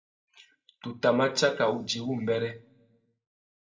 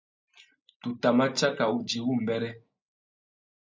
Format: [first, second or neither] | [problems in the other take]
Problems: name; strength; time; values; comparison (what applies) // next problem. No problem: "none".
second | room echo; dies away in 0.3 s